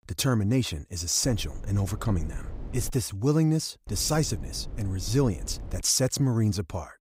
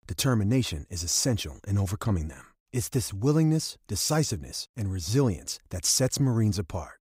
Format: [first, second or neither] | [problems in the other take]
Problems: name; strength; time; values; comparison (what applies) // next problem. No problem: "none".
second | low rumble; faint; from 1 to 3 s and from 4 to 6 s; 20 dB below the speech